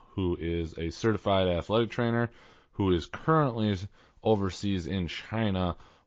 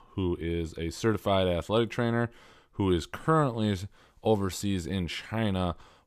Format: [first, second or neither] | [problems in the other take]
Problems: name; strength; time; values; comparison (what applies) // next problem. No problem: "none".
second | garbled, watery; slightly; nothing above 7 kHz